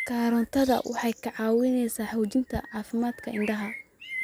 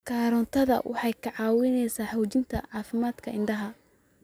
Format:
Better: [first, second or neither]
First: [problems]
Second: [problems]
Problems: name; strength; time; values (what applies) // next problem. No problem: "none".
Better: second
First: background sound (Bird); 15 dB below the speech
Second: none